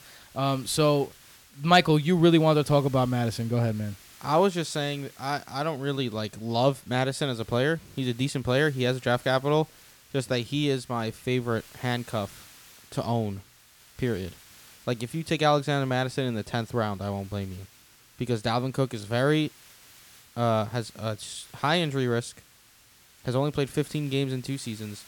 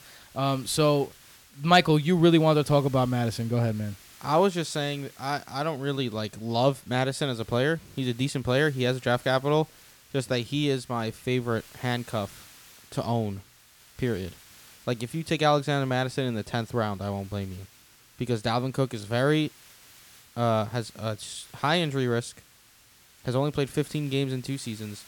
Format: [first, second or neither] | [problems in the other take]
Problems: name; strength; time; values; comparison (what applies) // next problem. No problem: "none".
neither | hiss; faint; throughout; 25 dB below the speech; the same in both